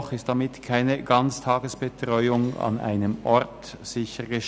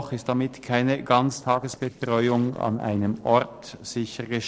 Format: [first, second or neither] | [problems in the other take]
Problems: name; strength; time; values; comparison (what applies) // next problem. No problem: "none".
first | noise reduction (neural separator model SepFormer DNS4)